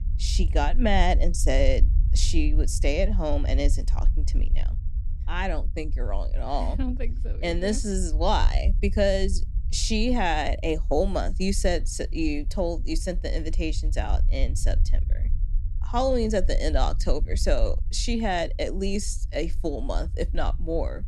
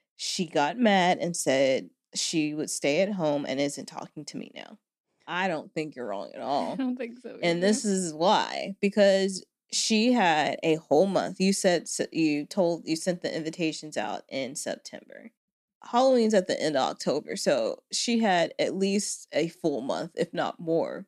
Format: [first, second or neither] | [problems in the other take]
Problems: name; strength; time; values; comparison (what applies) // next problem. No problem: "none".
second | low rumble; faint; throughout; 20 dB below the speech